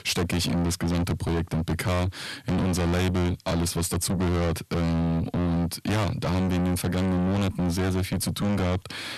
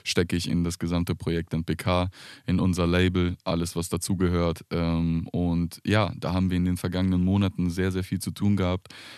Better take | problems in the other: second | distortion; heavy; 6 dB below the speech

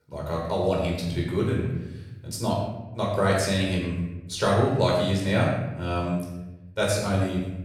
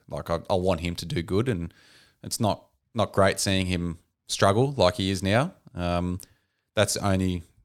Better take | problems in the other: second | off-mic speech; far // room echo; noticeable; dies away in 1 s

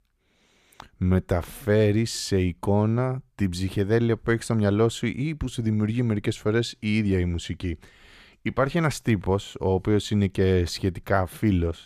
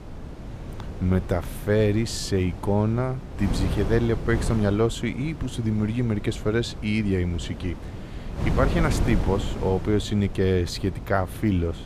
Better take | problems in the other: first | wind noise on the microphone; occasional gusts; 10 dB below the speech

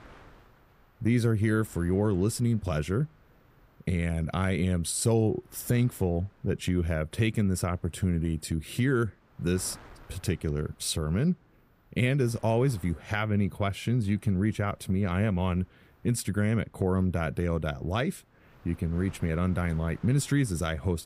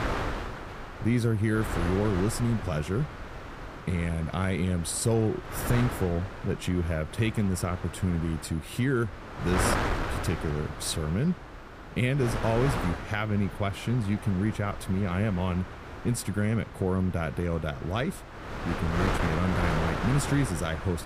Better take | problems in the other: first | wind noise on the microphone; heavy; 3 dB below the speech; occasional gusts in the first

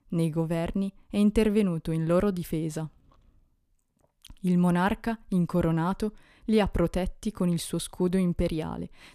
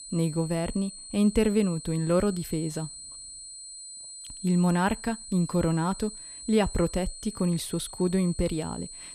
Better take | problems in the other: first | high-pitched whine; noticeable; throughout; 8 kHz, 15 dB below the speech

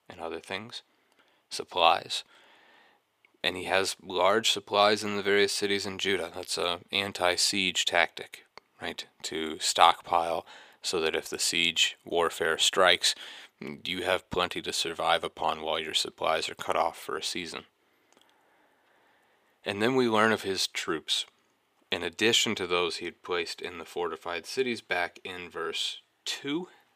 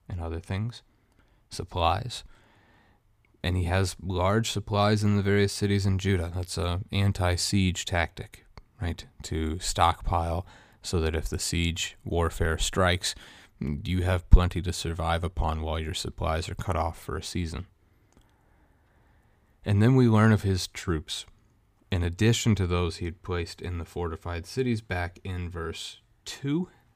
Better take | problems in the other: second | thin; very; fading below 450 Hz

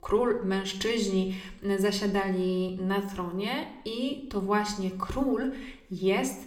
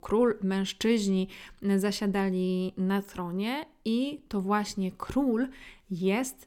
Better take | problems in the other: second | room echo; very slight; dies away in 0.6 s

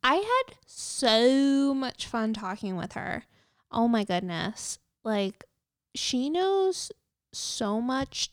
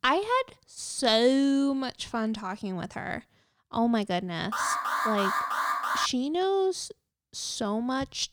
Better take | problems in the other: first | alarm; loud; from 4.5 to 6 s; peak 1 dB above the speech

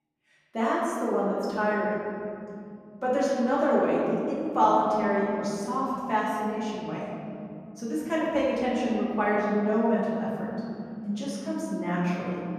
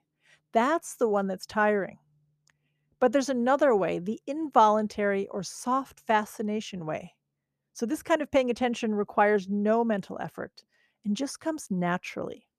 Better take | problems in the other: second | room echo; strong; dies away in 3 s // off-mic speech; far

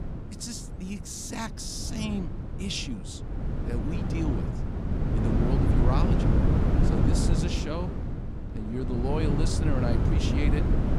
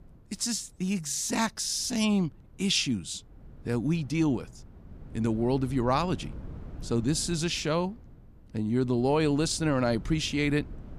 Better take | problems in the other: second | wind noise on the microphone; heavy; as loud as the speech; occasional gusts in the second

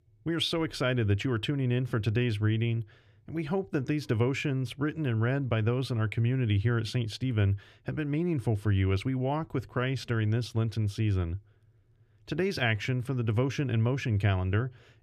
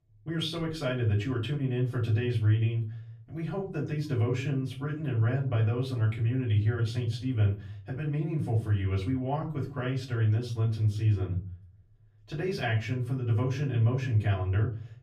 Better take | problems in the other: first | off-mic speech; far // room echo; slight; dies away in 0.4 s

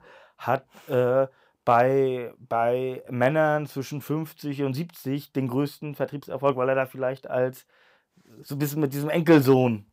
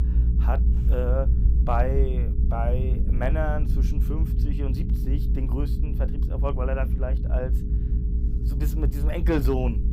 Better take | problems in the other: first | low rumble; loud; throughout; 9 dB below the speech

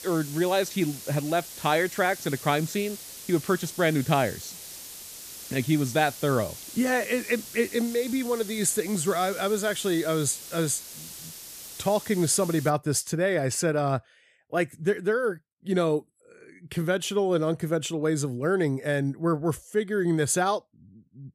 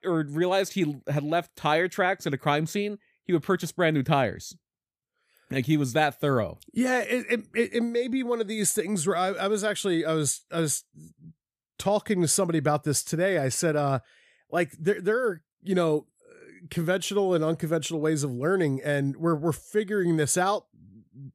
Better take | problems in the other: second | hiss; noticeable; until 13 s; 10 dB below the speech

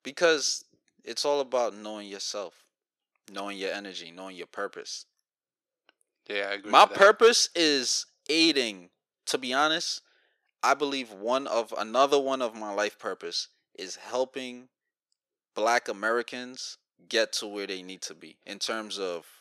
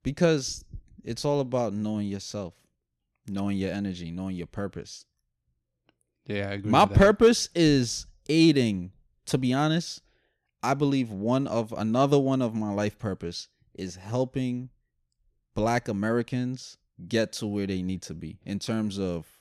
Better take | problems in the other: second | thin; very; fading below 400 Hz

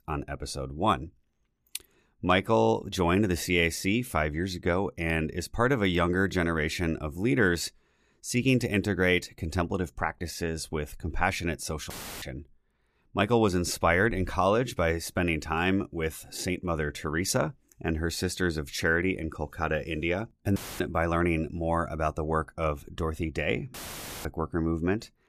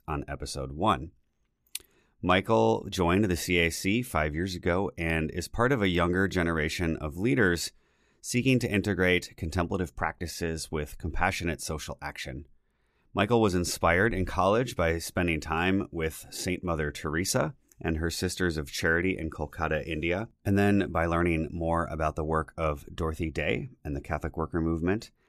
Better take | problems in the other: second | audio cutting out; filled with static; at 12 s, at 21 s and at 24 s for 0.5 s

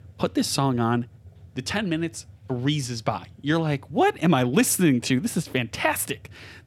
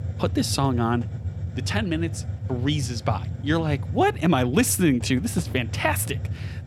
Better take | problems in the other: first | hiss; loud; throughout; 7 dB below the speech; faint in the first

